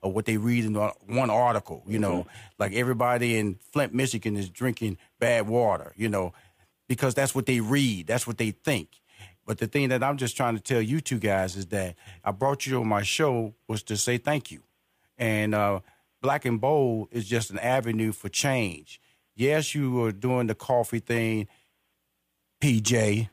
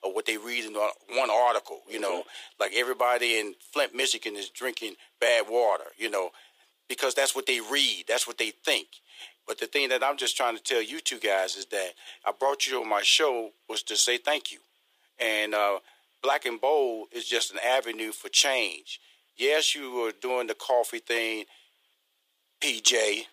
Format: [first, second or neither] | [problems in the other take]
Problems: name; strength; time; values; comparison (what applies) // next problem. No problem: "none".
first | thin; very; fading below 350 Hz